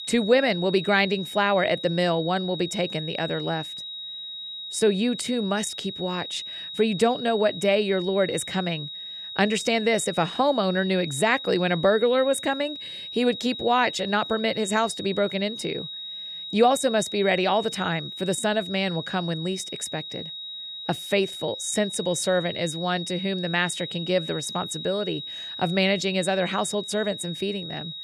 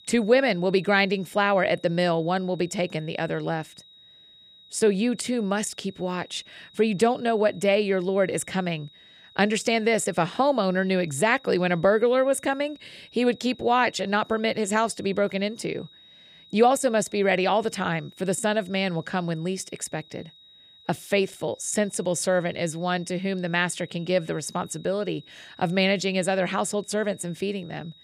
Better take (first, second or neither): second